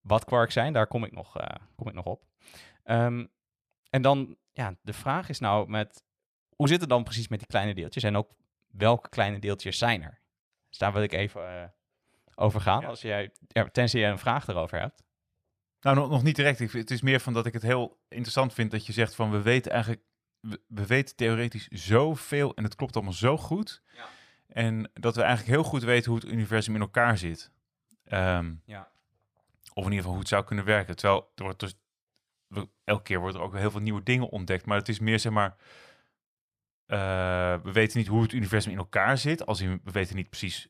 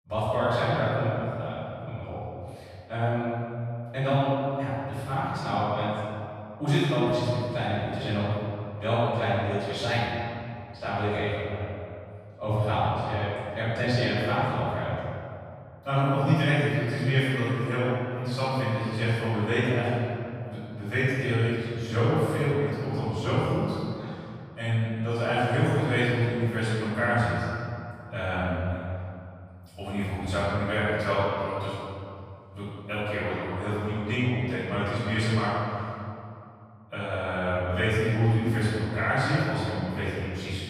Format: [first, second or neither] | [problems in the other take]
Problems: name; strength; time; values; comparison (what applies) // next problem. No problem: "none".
first | room echo; strong; dies away in 2.3 s // off-mic speech; far